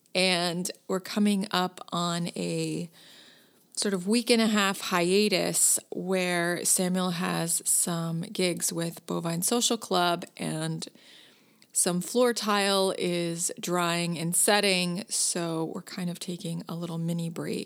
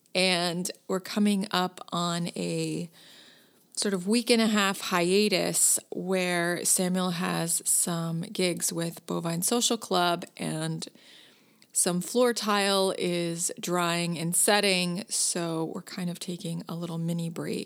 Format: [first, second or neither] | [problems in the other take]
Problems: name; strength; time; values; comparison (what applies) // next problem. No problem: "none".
neither | none